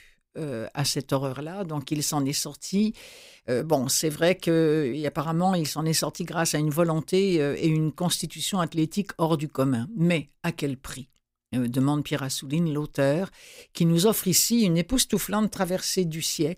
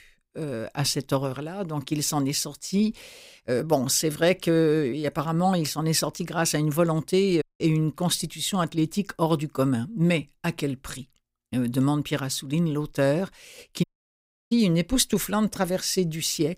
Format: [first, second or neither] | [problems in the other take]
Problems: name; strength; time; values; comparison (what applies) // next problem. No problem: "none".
first | audio cutting out; at 7.5 s and at 14 s for 0.5 s